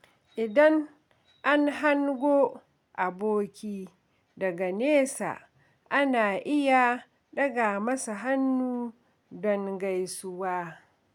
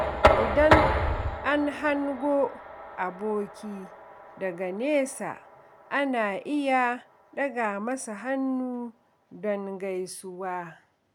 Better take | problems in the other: first | background sound (Knock); 1 dB below the speech

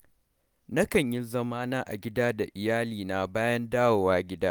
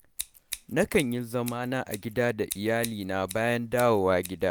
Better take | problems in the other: first | background sound (Scissors); 15 dB below the speech

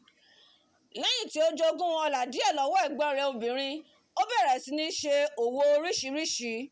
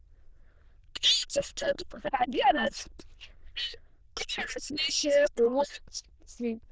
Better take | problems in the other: first | noise reduction (neural diffusion model UNIVERSE++)

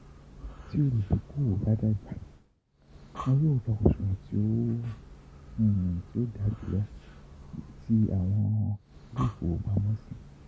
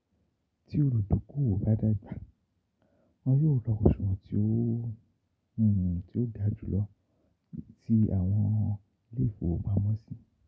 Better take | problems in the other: second | background sound (Breathing); 17 dB below the speech

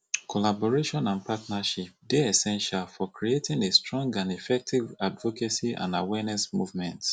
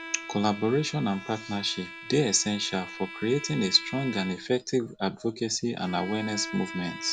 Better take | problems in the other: first | background sound (Bowed string instrument); 13 dB below the speech

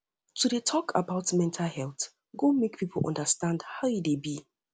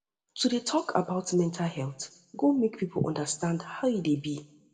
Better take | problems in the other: first | room echo; dies away in 0.7 s

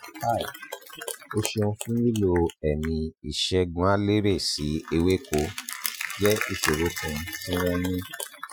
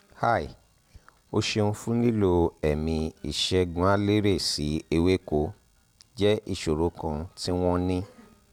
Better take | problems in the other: second | noise reduction (classical method Wiener filter)

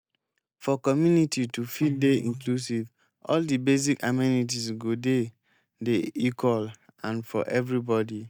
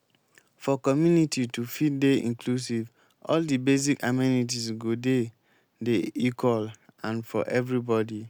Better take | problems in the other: second | noise reduction (neural mask model DeepFilterNet 3)

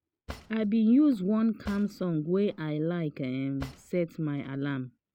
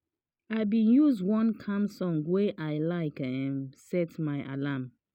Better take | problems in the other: second | background sound (Cutlery, silverware / Drawer open or close); 20 dB below the speech

